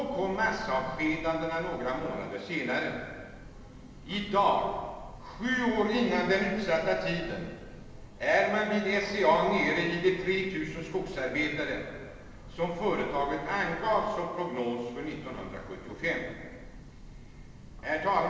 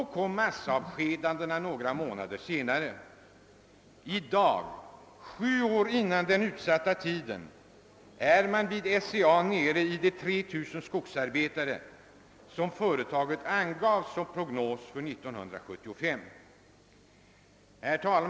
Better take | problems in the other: second | background sound (Train / Breathing); 17 dB below the speech // room echo; dies away in 1.3 s

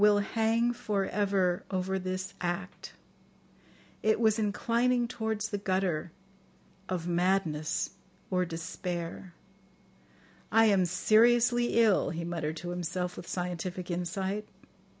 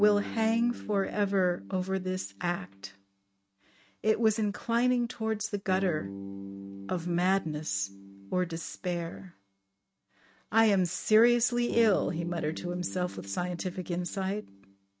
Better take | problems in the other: first | noise reduction (neural mask model RNNoise)

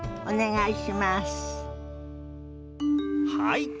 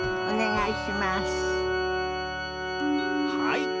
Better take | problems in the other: first | background sound (Organ); 1 dB above the speech

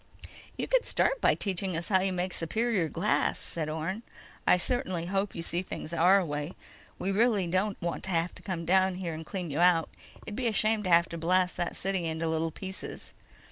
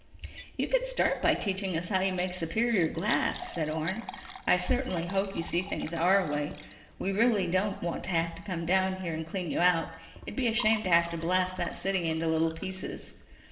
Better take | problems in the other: first | background sound (Liquid); 19 dB below the speech // room echo; dies away in 1.1 s

